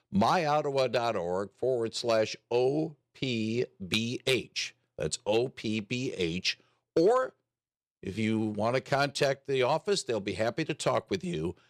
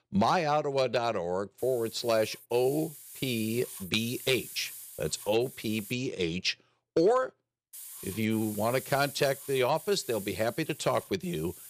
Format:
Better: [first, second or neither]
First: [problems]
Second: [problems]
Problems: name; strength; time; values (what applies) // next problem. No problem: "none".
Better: first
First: none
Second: hiss; noticeable; from 1.5 to 6 s and from 7.5 s on; 15 dB below the speech